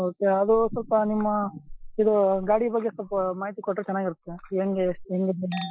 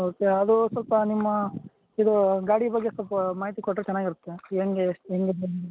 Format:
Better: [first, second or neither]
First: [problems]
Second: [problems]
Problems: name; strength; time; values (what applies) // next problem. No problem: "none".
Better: second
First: noise reduction (classical method Wiener filter)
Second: none